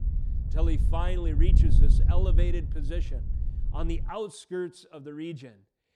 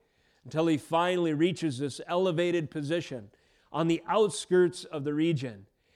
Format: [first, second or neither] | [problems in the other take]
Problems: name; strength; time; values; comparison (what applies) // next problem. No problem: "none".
second | wind noise on the microphone; heavy; until 4 s; 7 dB below the speech